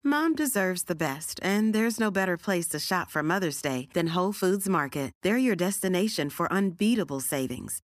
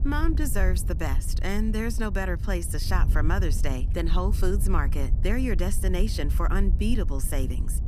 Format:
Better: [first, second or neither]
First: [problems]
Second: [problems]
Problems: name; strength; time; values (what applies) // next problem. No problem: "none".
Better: first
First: none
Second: wind noise on the microphone; occasional gusts; 15 dB below the speech